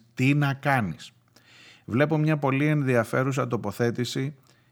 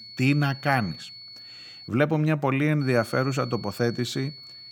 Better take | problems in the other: first | high-pitched whine; noticeable; until 2 s and from 3 s on; 4.5 kHz, 15 dB below the speech

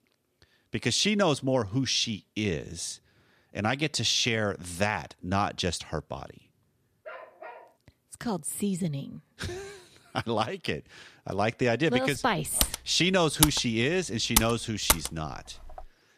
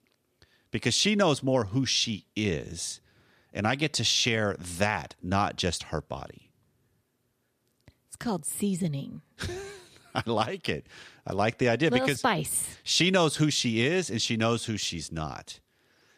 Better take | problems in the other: second | dog barking; faint; at 7 s; peak 15 dB below the speech // keyboard typing; loud; from 13 to 15 s; peak 3 dB above the speech

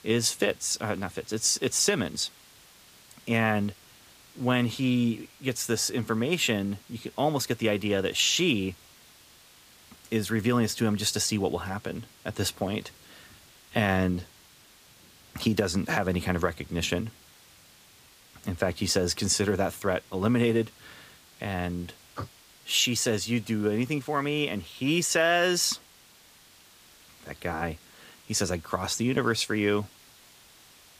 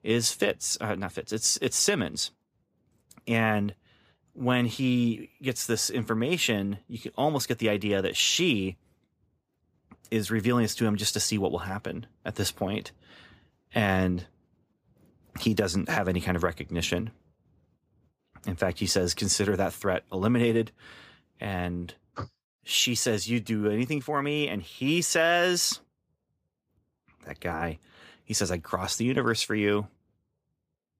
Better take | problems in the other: second | hiss; faint; throughout; 25 dB below the speech

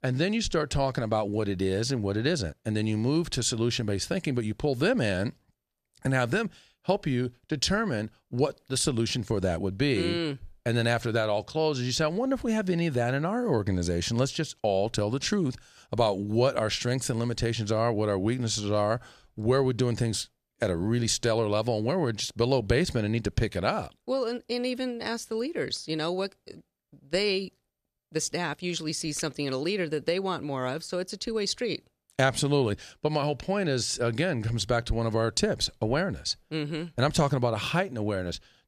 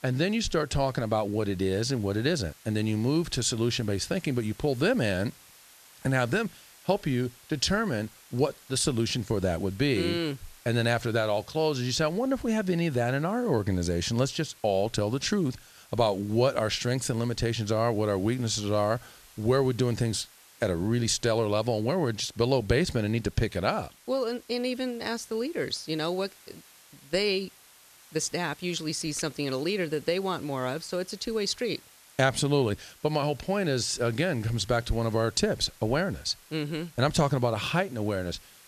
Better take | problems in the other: first | hiss; faint; throughout; 25 dB below the speech

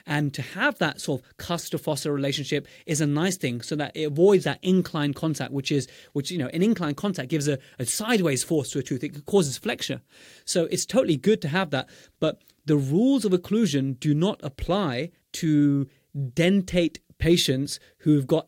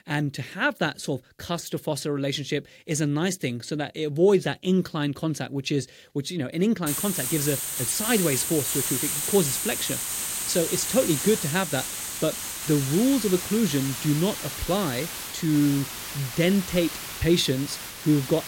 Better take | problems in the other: first | hiss; loud; from 7 s on; 3 dB below the speech

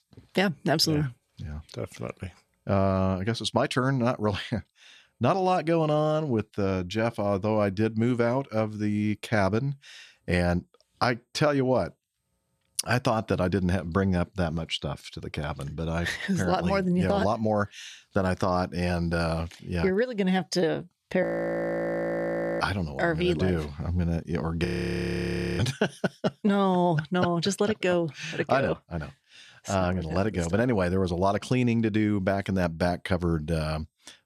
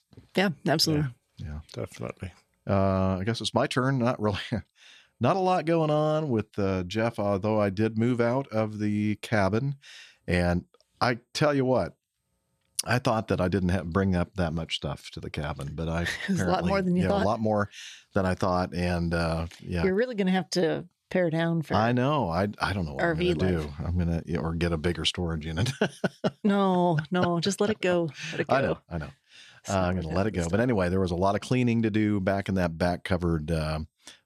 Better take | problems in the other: second | audio freezing; at 21 s for 1.5 s and at 25 s for 1 s

